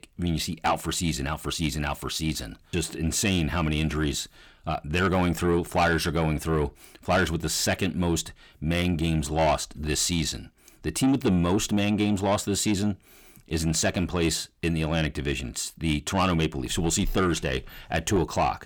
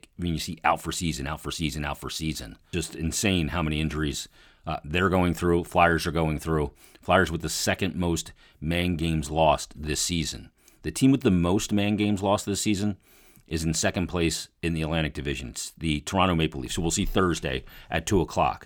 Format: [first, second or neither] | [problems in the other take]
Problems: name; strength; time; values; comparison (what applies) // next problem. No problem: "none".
second | distortion; slight; 10 dB below the speech